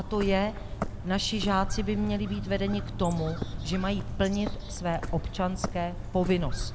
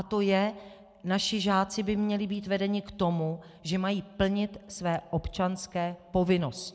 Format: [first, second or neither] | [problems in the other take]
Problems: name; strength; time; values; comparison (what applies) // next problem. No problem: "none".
second | background sound (Bird); 4 dB below the speech